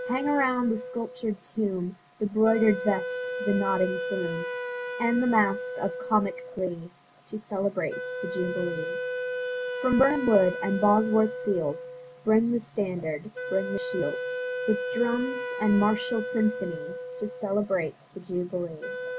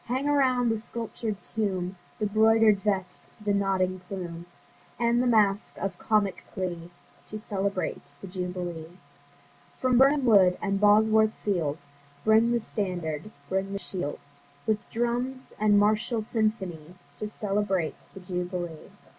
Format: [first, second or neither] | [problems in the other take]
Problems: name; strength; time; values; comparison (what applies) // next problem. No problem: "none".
second | background sound (Wind instrument, woodwind instrument); 7 dB below the speech